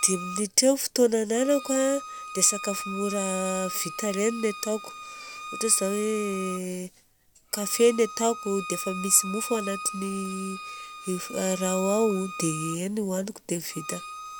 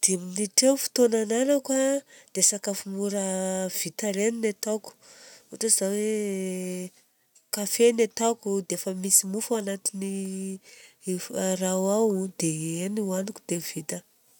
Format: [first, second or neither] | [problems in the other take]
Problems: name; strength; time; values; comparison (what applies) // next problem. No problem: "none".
second | background sound (Bowed string instrument); 11 dB below the speech